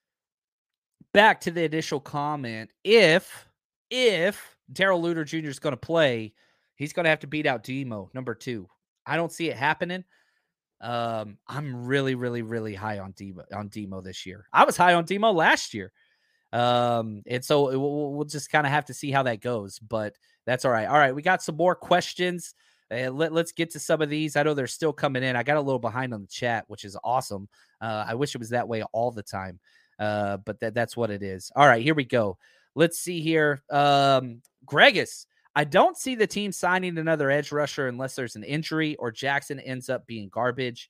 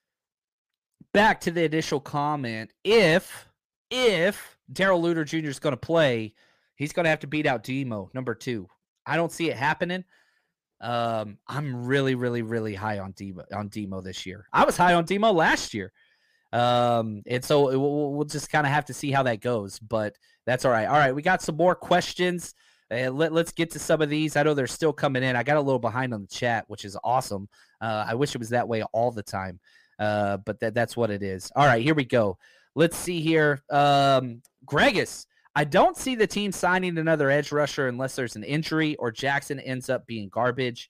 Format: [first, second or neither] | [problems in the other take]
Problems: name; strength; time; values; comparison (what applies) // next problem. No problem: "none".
first | distortion; slight; 10 dB below the speech